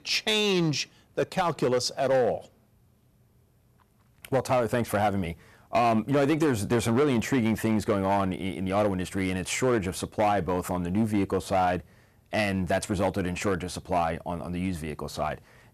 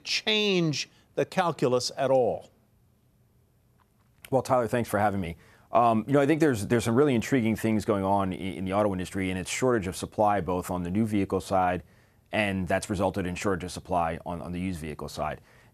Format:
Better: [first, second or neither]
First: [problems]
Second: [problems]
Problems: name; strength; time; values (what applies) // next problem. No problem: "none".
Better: second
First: distortion; slight; 5% of the sound clipped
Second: none